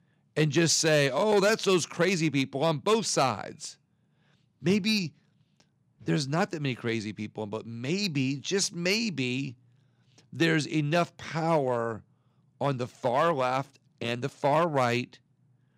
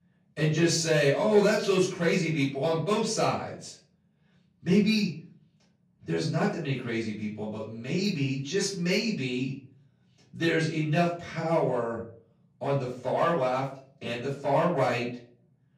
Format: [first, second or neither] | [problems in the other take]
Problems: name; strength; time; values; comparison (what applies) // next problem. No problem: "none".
first | off-mic speech; far // room echo; slight; dies away in 0.4 s